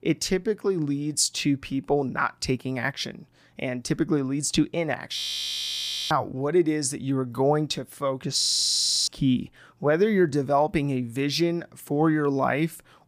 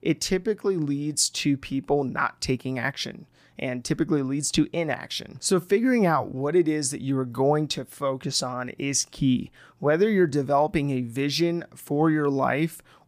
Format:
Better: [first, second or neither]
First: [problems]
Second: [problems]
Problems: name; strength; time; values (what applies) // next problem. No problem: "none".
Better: second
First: audio freezing; at 5 s for 1 s and at 8.5 s for 0.5 s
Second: none